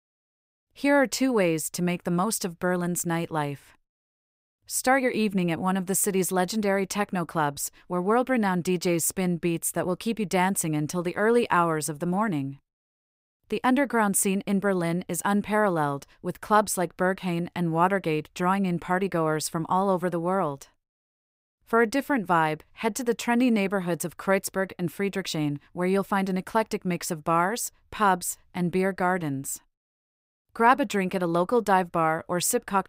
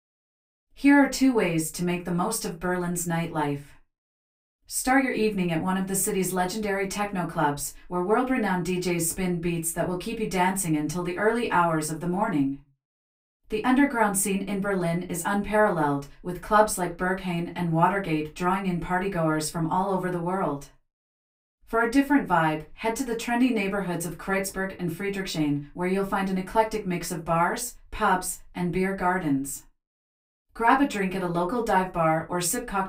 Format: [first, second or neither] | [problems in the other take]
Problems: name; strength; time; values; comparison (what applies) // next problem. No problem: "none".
first | off-mic speech; far // room echo; very slight; dies away in 0.2 s